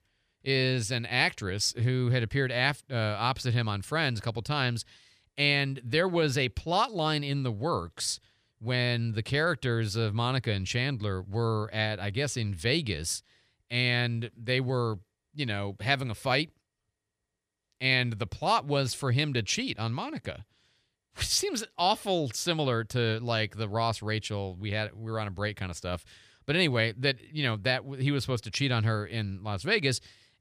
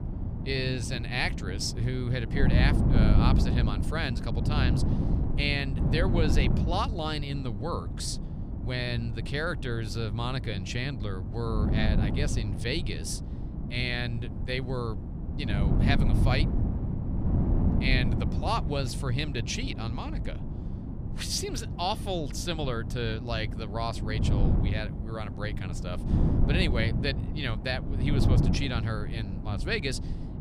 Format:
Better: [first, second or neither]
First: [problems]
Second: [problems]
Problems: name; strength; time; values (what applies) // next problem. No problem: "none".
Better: first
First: none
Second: wind noise on the microphone; heavy; 7 dB below the speech